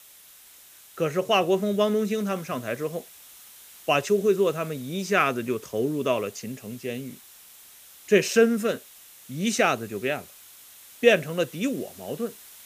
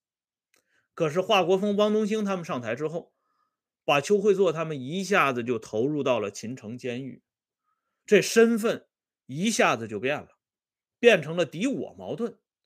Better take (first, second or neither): second